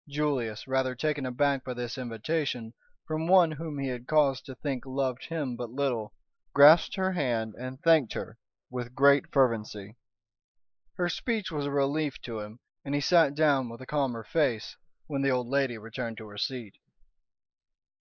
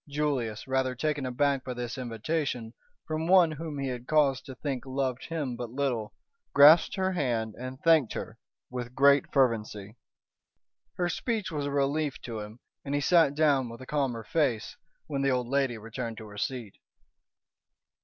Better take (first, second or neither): second